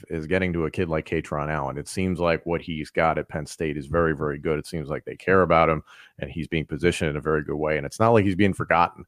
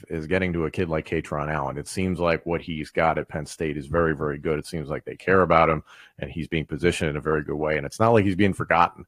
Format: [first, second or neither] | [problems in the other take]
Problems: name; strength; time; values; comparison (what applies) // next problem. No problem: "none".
first | garbled, watery; slightly; nothing above 15 kHz